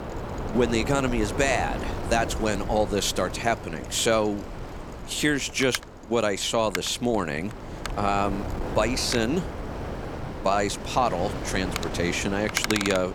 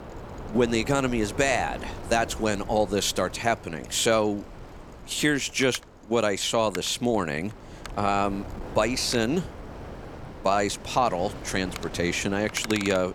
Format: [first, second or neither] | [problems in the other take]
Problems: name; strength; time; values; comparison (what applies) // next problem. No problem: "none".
second | wind noise on the microphone; heavy; 9 dB below the speech; occasional gusts in the second